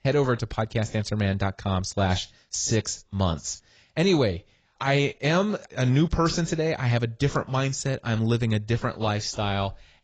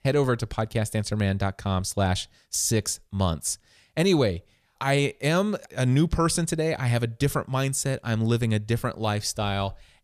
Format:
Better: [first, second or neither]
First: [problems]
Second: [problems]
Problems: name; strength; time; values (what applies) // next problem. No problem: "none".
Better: second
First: garbled, watery; badly; nothing above 7.5 kHz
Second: none